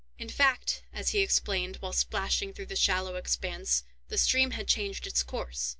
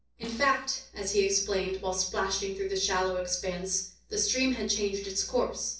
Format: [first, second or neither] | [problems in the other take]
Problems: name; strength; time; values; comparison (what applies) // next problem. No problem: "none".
first | background sound (Snare drum); 17 dB below the speech // room echo; dies away in 0.6 s